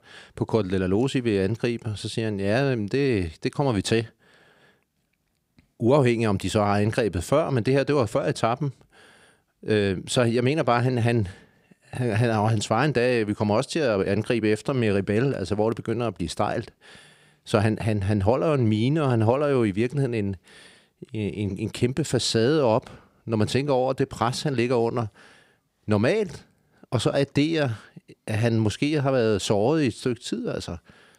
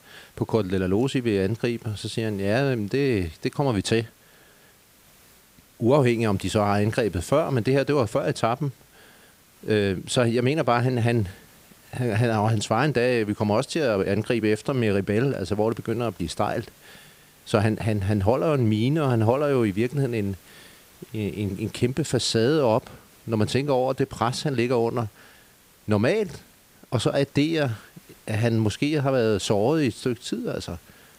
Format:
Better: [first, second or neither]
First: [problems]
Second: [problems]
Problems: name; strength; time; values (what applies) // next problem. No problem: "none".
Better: first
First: none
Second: hiss; faint; throughout; 30 dB below the speech